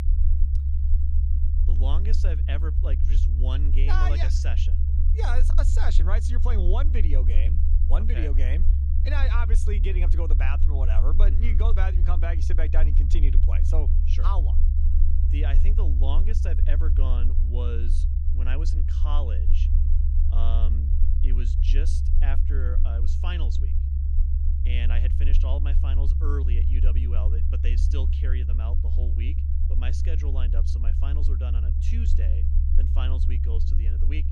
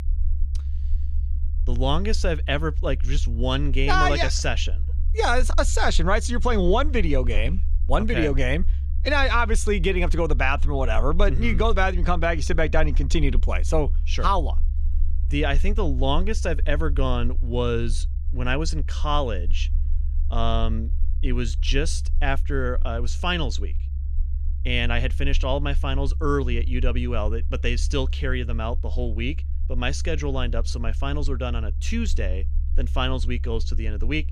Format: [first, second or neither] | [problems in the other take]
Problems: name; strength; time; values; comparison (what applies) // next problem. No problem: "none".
second | low rumble; loud; throughout; 5 dB below the speech; faint in the second